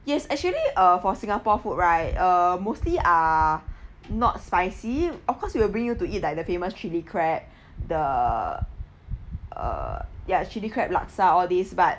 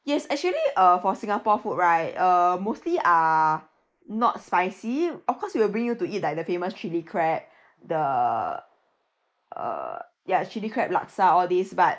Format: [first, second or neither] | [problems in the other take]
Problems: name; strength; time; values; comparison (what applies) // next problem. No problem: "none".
first | noise reduction (neural mask model Resemble Enhance denoiser)